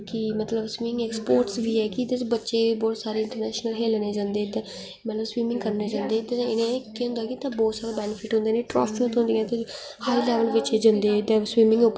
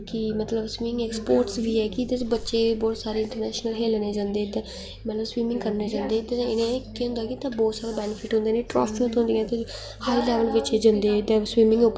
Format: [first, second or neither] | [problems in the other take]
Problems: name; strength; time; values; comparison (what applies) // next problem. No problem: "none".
first | background sound (Bathtub (filling or washing) / Water / Splash, splatter + Vehicle); 19 dB below the speech